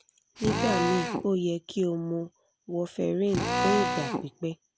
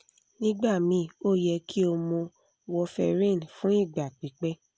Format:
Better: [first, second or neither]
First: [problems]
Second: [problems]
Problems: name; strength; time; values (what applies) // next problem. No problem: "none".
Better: second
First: background sound (Drill); 3 dB below the speech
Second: none